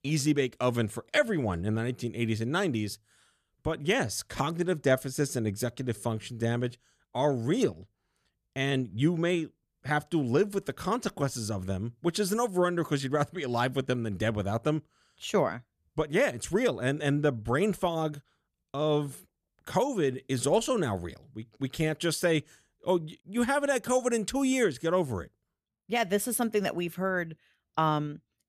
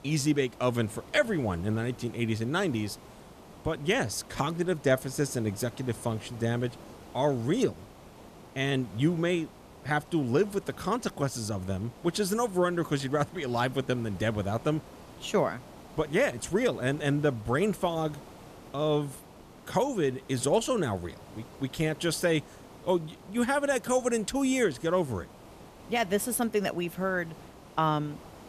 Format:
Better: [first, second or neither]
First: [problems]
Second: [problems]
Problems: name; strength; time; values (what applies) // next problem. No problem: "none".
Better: first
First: none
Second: hiss; noticeable; throughout; 20 dB below the speech